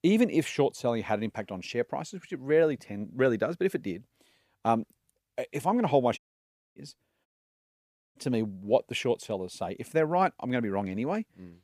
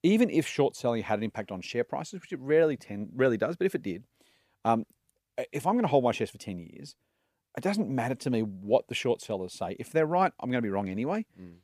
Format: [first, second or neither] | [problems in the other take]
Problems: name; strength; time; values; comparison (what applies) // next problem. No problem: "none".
second | audio cutting out; at 6 s for 0.5 s and at 7.5 s for 1 s